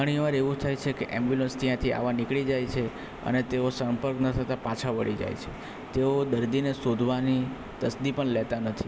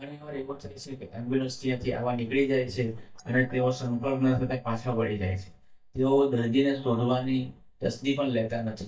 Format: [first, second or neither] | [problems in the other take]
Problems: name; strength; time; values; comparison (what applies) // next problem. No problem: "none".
first | noise reduction (neural mask model DeepFilterNet 3)